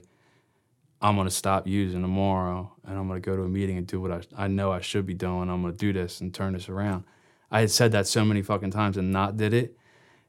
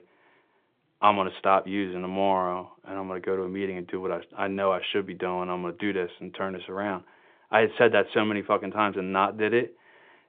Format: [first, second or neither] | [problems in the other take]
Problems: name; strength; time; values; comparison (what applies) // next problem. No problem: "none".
first | phone-call audio; nothing above 3 kHz